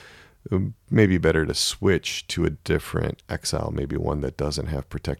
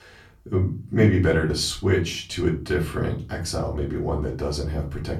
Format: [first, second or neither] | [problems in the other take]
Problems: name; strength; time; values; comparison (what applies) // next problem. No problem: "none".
first | off-mic speech; far // room echo; slight; dies away in 0.3 s